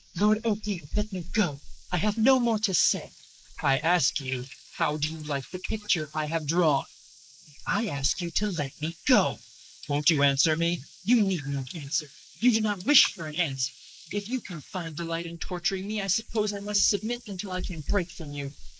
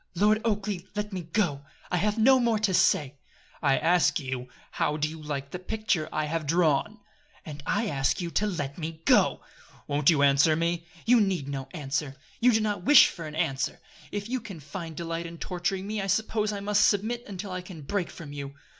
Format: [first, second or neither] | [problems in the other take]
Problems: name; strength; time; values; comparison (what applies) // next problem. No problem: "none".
second | noise reduction (neural mask model Resemble Enhance denoiser)